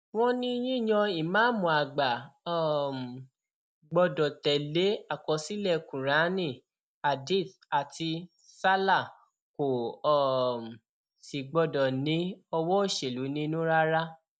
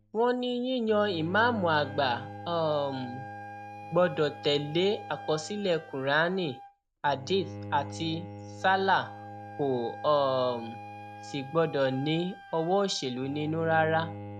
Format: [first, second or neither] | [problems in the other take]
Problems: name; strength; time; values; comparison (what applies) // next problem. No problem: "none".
first | background sound (Bowed string instrument + Wind instrument, woodwind instrument); 13 dB below the speech